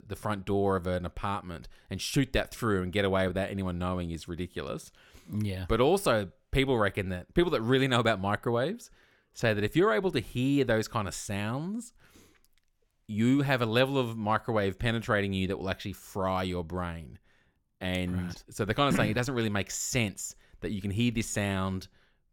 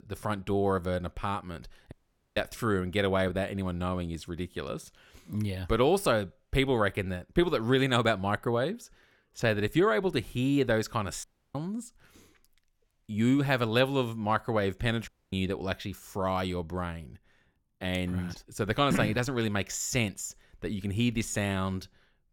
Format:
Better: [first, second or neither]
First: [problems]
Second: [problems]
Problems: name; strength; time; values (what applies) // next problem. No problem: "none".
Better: first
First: none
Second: audio cutting out; at 2 s, at 11 s and at 15 s